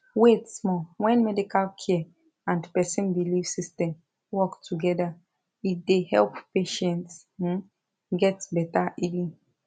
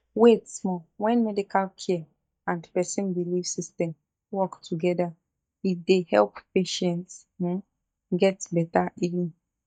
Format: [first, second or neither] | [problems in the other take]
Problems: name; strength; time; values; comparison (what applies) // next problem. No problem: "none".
first | noise reduction (neural mask model DeepFilterNet 3)